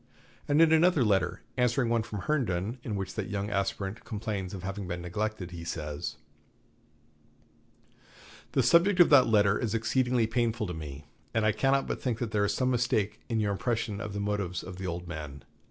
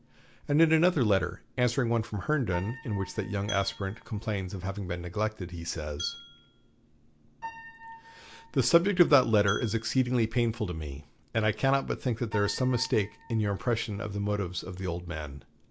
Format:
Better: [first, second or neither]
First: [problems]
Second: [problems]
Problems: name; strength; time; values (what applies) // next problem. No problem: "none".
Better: first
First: none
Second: background sound (Piano + Glass); 19 dB below the speech